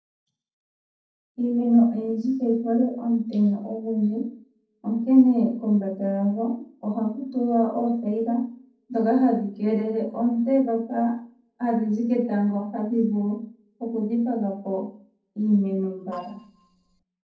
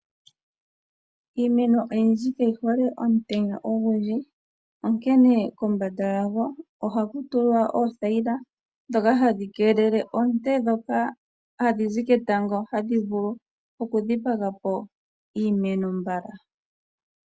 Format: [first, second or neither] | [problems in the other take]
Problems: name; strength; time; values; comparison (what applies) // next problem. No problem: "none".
second | noise reduction (neural separator model SepFormer DNS4)